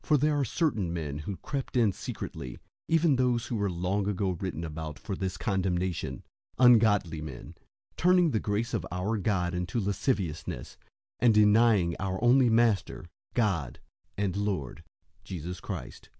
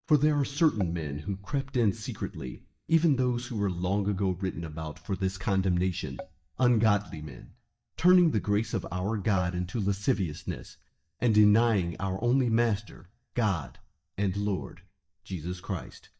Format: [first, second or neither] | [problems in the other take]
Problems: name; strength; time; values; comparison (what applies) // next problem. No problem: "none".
first | noise reduction (neural mask model DeepFilterNet 3)